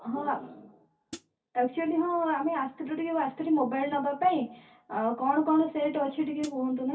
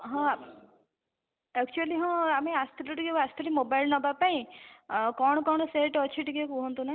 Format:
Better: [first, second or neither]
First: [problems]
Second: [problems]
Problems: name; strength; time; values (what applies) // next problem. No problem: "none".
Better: second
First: background sound (Hi-hat); 16 dB below the speech // room echo; dies away in 0.3 s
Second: none